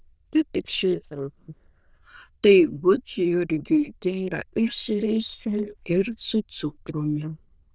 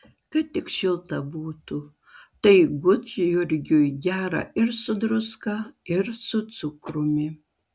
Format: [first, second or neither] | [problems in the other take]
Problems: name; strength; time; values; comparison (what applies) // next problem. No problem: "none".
second | noise reduction (neural diffusion model UNIVERSE++)